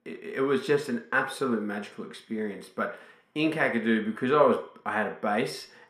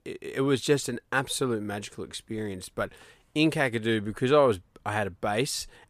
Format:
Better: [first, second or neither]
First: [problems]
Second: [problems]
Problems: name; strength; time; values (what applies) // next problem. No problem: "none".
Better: second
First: room echo; very slight; dies away in 0.5 s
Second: none